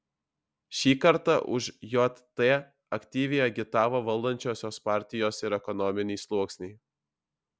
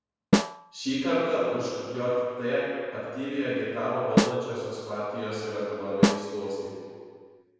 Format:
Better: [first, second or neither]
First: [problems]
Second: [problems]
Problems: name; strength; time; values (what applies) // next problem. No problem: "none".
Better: first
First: none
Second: background sound (Snare drum); 1 dB above the speech // room echo; dies away in 1.9 s